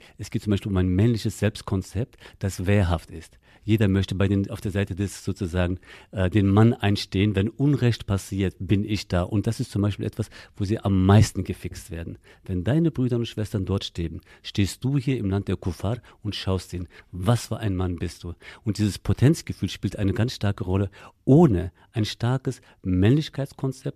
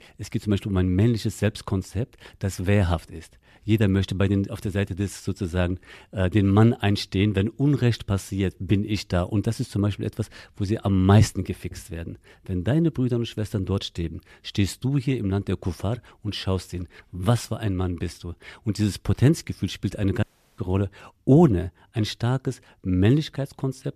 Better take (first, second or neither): first